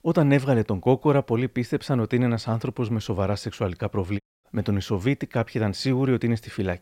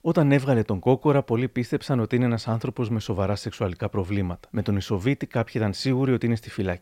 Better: second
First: audio cutting out; at 4 s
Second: none

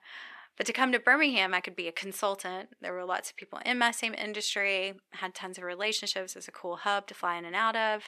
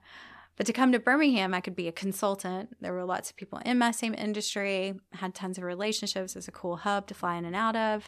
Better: second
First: thin; somewhat; fading below 350 Hz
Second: none

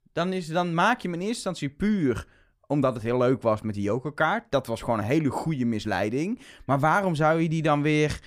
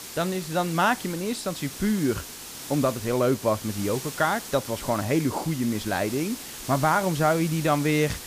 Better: first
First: none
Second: hiss; noticeable; throughout; 10 dB below the speech

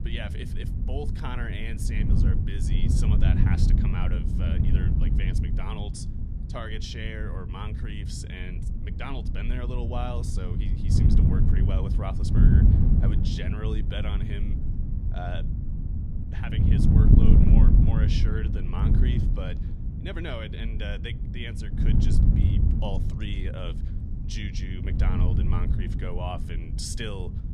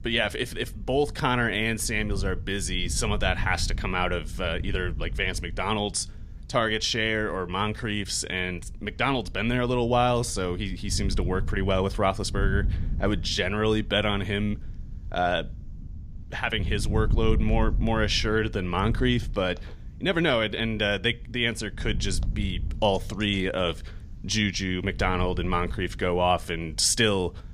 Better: second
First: wind noise on the microphone; heavy; as loud as the speech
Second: wind noise on the microphone; occasional gusts; 25 dB below the speech

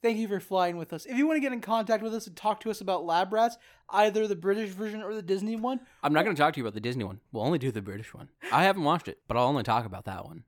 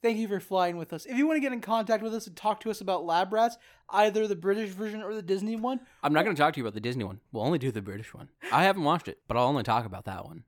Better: neither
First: none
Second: none

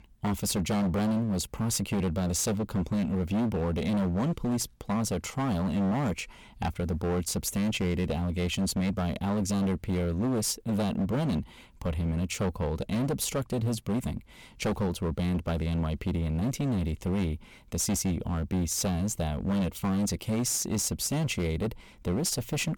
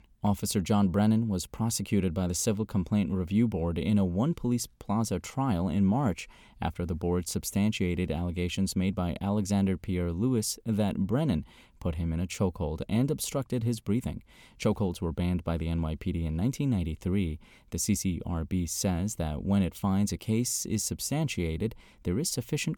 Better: second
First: distortion; heavy; 21% of the sound clipped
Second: none

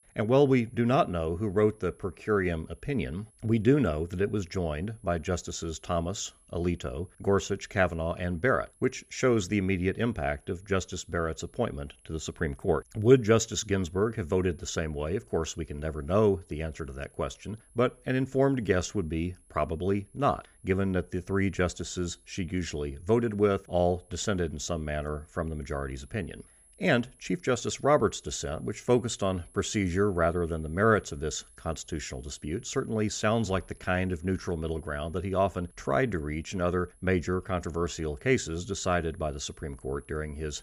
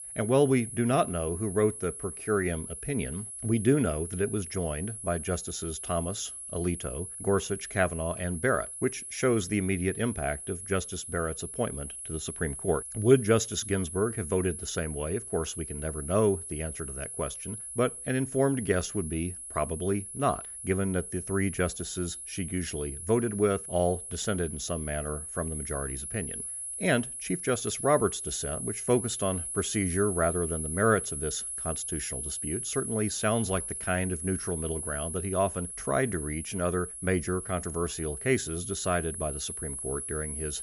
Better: first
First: high-pitched whine; faint; throughout; 10.5 kHz, 30 dB below the speech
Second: high-pitched whine; loud; throughout; 10.5 kHz, 6 dB below the speech

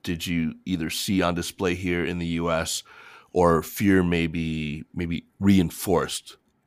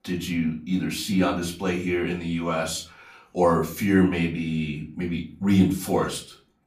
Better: first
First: none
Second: off-mic speech; far // room echo; very slight; dies away in 0.3 s

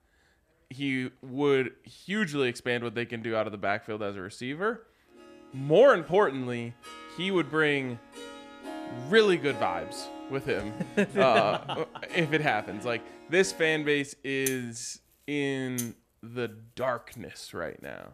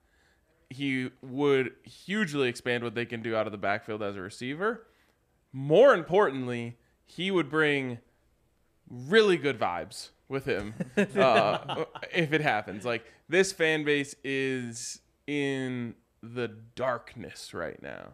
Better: second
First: background music; noticeable; from 5 s on; 15 dB below the speech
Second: none

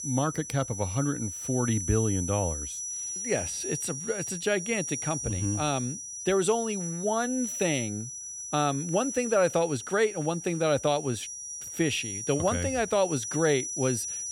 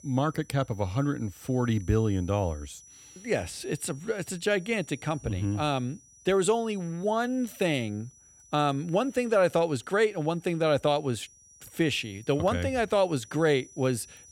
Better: second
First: high-pitched whine; loud; throughout; 6 kHz, 5 dB below the speech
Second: high-pitched whine; faint; throughout; 6 kHz, 25 dB below the speech

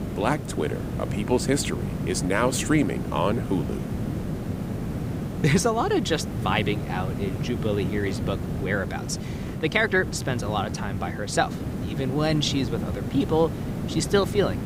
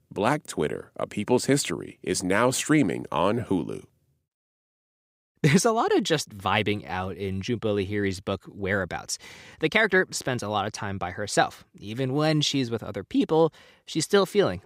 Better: second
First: hiss; loud; throughout; 4 dB below the speech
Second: none

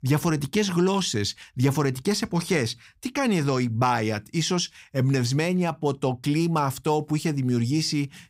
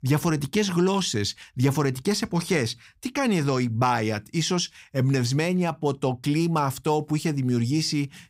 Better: neither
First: none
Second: none

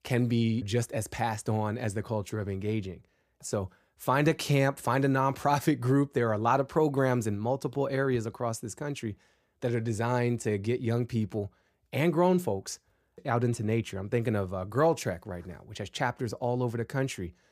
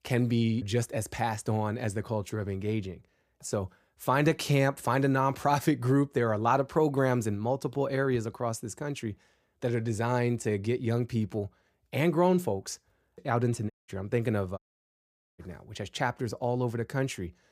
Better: first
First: none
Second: audio cutting out; at 14 s and at 15 s for 1 s

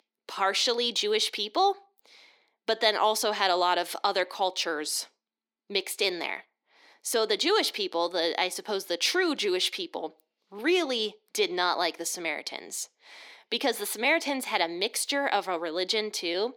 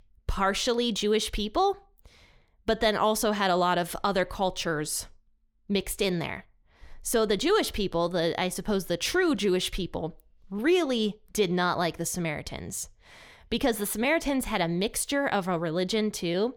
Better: second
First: thin; somewhat; fading below 300 Hz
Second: none

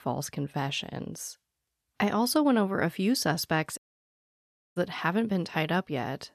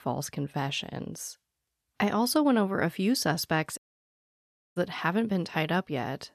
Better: neither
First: audio cutting out; at 4 s for 1 s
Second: audio cutting out; at 4 s for 1 s

